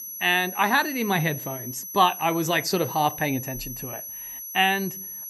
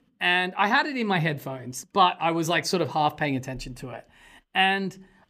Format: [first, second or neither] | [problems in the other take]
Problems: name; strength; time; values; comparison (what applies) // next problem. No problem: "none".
second | high-pitched whine; loud; throughout; 11.5 kHz, 10 dB below the speech